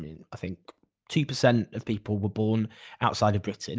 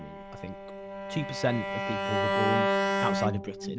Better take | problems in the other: first | background sound (Bowed string instrument); 4 dB above the speech

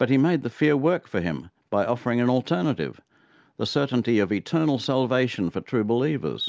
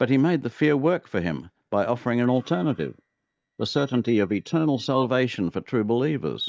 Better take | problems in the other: first | noise reduction (neural mask model DeepFilterNet 3)

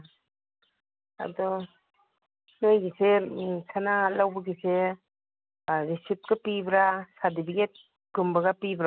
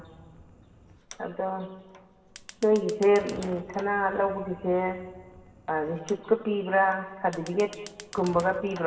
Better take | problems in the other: first | background sound (Fire); 20 dB below the speech // room echo; dies away in 2.2 s

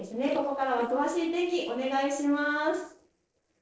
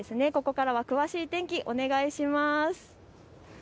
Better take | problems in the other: second | noise reduction (neural separator model SepFormer DNS4)

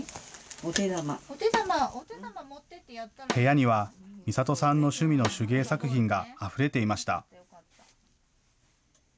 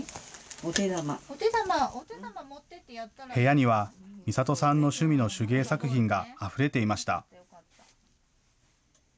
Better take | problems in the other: second | background sound (Snare drum); 11 dB below the speech

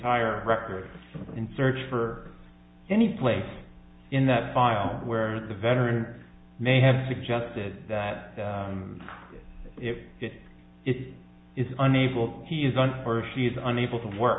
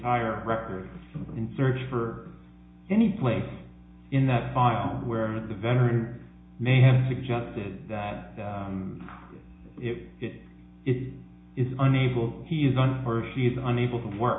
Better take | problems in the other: first | room echo; dies away in 0.4 s

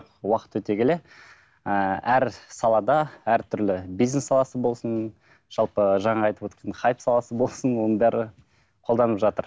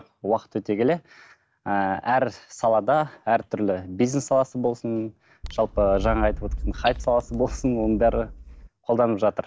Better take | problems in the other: first | noise reduction (neural mask model DeepFilterNet 3)

